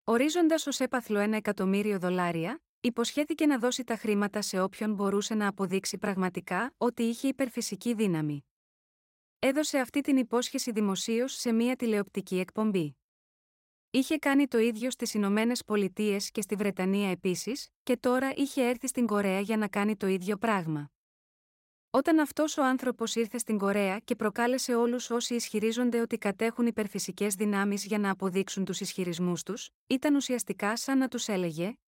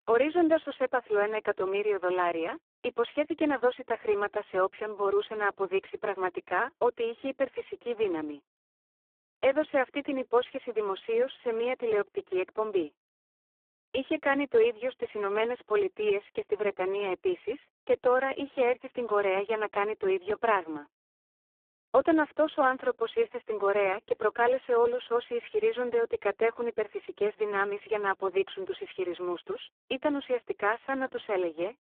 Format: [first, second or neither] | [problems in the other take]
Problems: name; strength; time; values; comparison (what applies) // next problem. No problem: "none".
first | phone-call audio; poor line